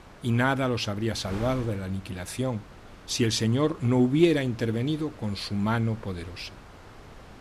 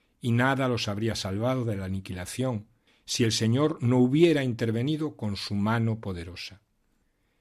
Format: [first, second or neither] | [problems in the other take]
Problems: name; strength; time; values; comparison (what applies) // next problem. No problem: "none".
second | wind noise on the microphone; occasional gusts; 20 dB below the speech